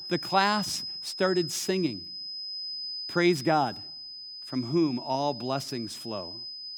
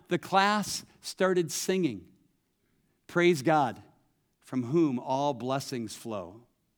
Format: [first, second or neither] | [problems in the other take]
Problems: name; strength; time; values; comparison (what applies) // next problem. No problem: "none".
second | high-pitched whine; loud; throughout; 5 kHz, 8 dB below the speech